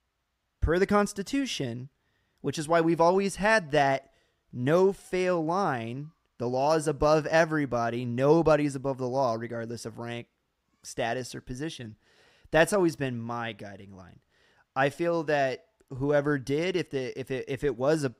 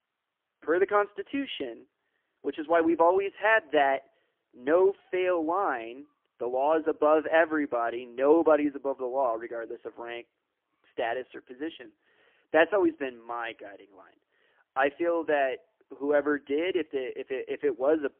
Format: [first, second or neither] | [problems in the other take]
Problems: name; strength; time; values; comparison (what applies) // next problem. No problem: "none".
first | phone-call audio; poor line; nothing above 3 kHz